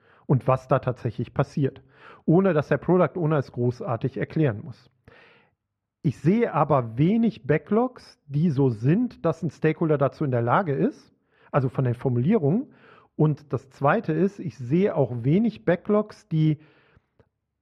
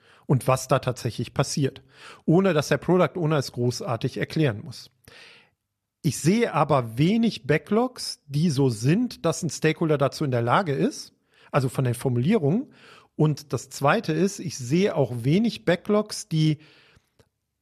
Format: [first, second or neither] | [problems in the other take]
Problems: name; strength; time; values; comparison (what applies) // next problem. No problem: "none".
second | muffled; very; fading above 3.5 kHz